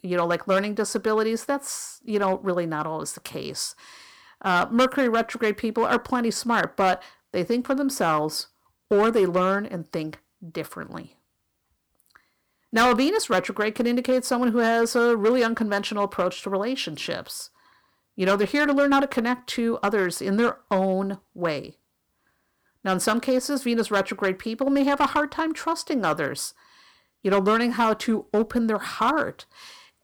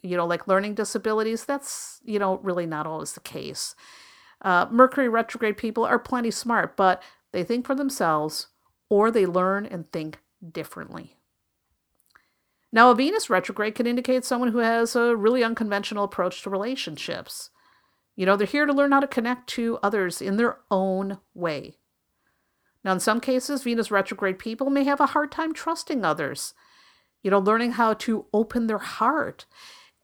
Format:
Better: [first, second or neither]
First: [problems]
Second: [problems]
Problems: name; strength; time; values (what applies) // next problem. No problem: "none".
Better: second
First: distortion; slight; 4% of the sound clipped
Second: none